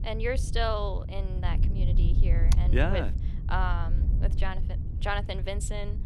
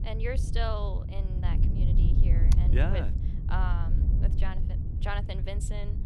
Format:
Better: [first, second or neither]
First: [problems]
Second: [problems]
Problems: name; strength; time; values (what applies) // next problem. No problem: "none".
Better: first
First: wind noise on the microphone; occasional gusts; 10 dB below the speech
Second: wind noise on the microphone; heavy; 6 dB below the speech